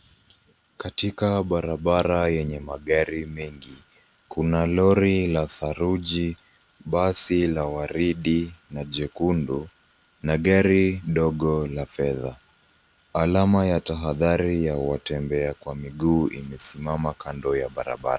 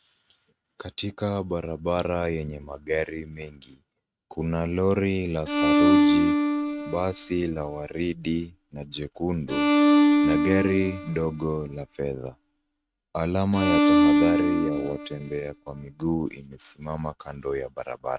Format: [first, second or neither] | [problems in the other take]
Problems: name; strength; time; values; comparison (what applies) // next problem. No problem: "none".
first | noise reduction (neural mask model RNNoise)